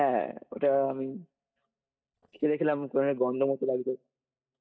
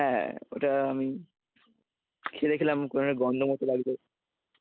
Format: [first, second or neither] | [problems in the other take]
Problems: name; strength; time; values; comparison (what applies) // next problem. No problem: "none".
second | noise reduction (neural mask model DeepFilterNet 3)